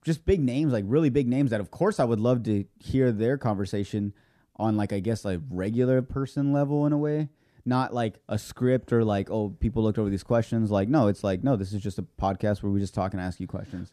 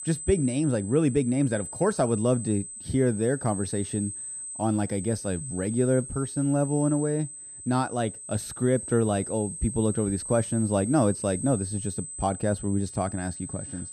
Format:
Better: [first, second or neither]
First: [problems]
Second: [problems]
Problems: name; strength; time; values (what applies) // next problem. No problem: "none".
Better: first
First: none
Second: high-pitched whine; loud; throughout; 8 kHz, 9 dB below the speech